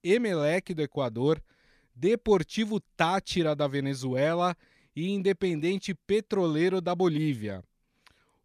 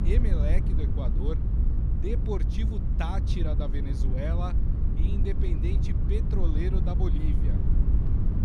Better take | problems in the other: first | low rumble; loud; throughout; 3 dB below the speech

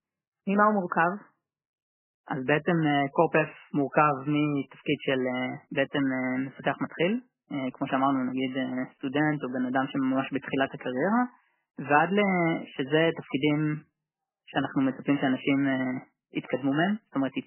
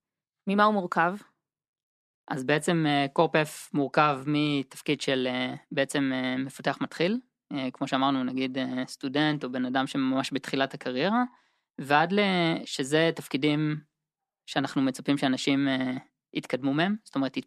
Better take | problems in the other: second | garbled, watery; badly; nothing above 3 kHz

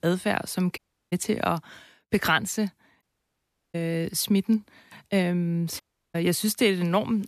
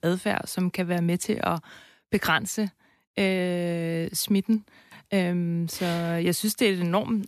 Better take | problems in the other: second | audio cutting out; at 1 s, at 3 s for 0.5 s and at 6 s

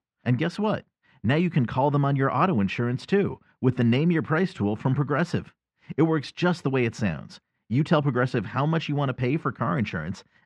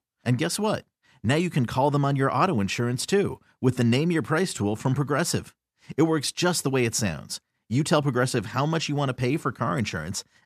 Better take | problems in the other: second | muffled; slightly; fading above 2.5 kHz

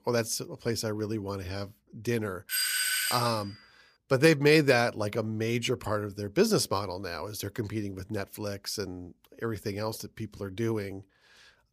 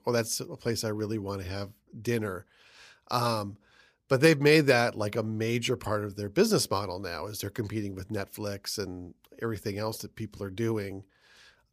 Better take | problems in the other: second | doorbell; loud; at 2.5 s; peak 4 dB above the speech

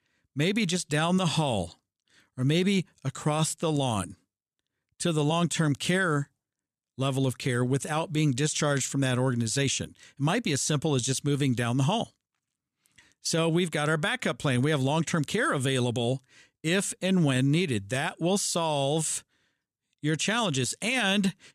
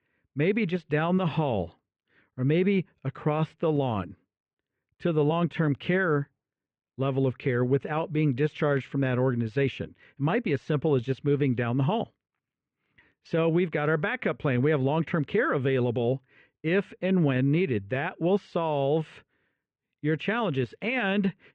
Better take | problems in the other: first | muffled; very; fading above 2.5 kHz

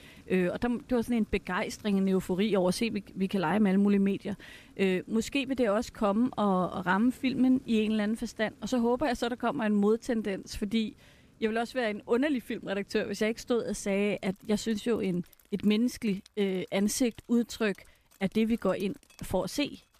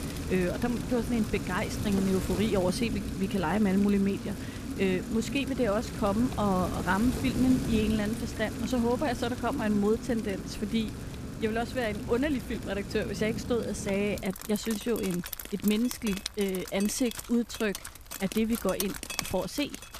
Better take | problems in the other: first | rain or running water; loud; throughout; 7 dB below the speech; faint in the first

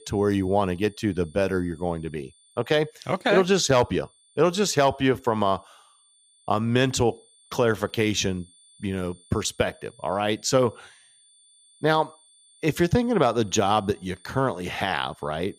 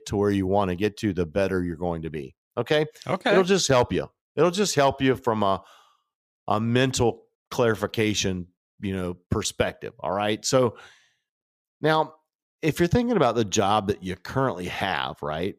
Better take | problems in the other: second | high-pitched whine; faint; throughout; 9 kHz, 30 dB below the speech

